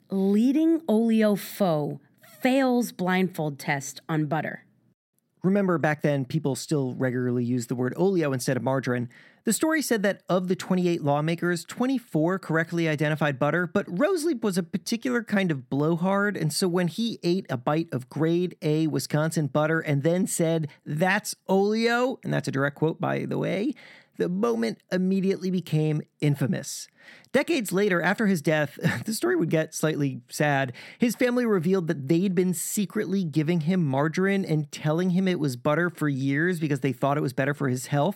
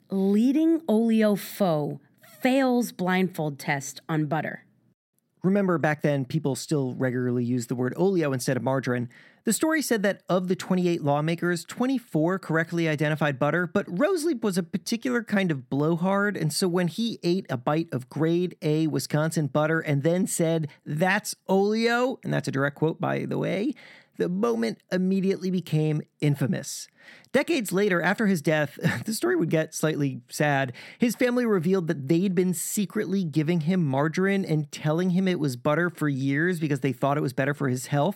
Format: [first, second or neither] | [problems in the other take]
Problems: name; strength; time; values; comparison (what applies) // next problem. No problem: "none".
neither | none